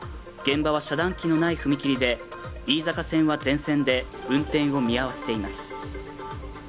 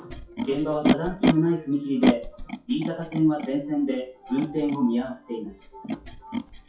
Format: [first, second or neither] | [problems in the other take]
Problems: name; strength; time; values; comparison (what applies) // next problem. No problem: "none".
first | noise reduction (classical method WPE with log-MMSE)